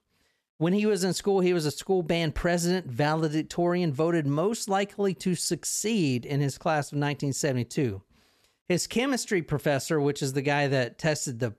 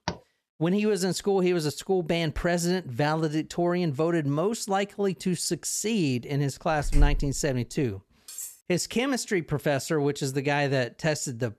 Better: first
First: none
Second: door banging; noticeable; at the start and at 7 s; peak 1 dB below the speech // clattering dishes; faint; at 8.5 s; peak 10 dB below the speech

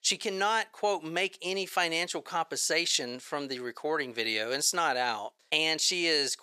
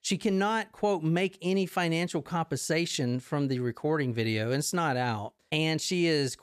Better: second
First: thin; very; fading below 500 Hz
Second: none

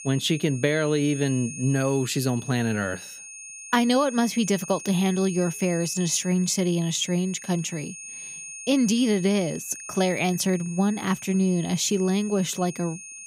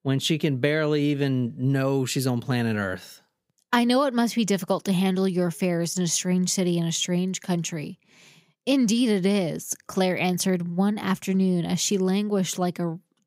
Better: second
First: high-pitched whine; noticeable; throughout; 6.5 kHz, 15 dB below the speech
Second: none

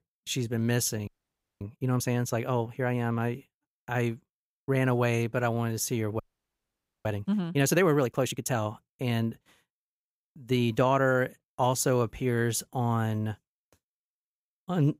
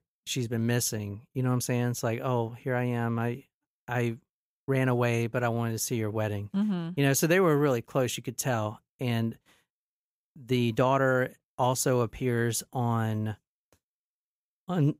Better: second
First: audio freezing; at 1 s for 0.5 s and at 6 s for 1 s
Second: none

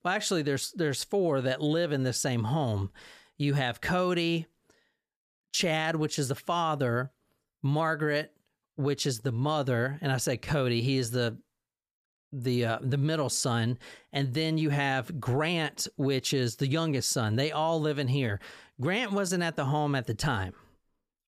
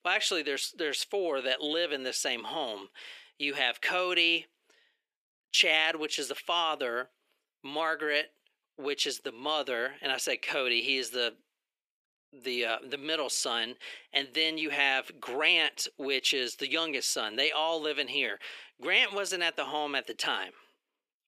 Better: first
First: none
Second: thin; very; fading below 350 Hz

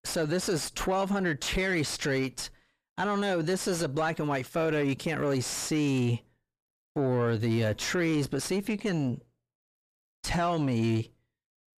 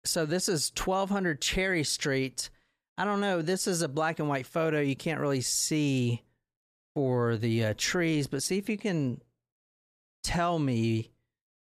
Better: second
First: distortion; slight; 10 dB below the speech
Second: none

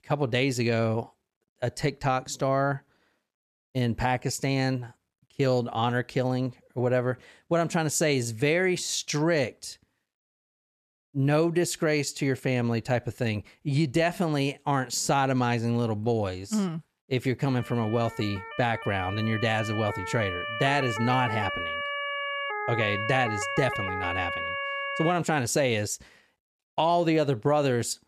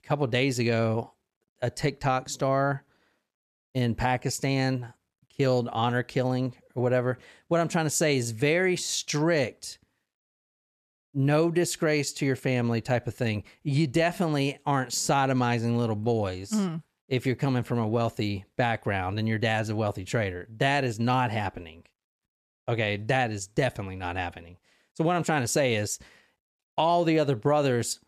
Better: second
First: siren; noticeable; from 17 to 25 s; peak 2 dB below the speech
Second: none

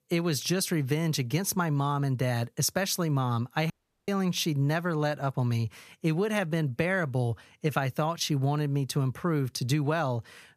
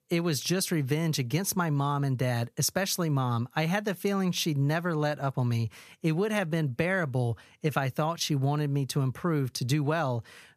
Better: second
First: audio cutting out; at 3.5 s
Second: none

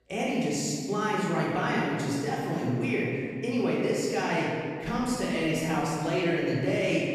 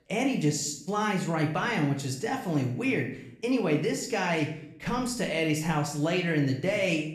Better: second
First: room echo; strong; dies away in 2.4 s // off-mic speech; far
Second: room echo; slight; dies away in 0.5 s // off-mic speech; somewhat distant

